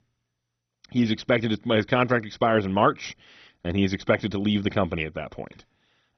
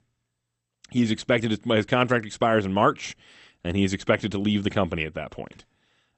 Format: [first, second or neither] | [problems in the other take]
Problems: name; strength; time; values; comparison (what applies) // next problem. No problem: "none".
second | garbled, watery; badly; nothing above 6 kHz; slightly in the second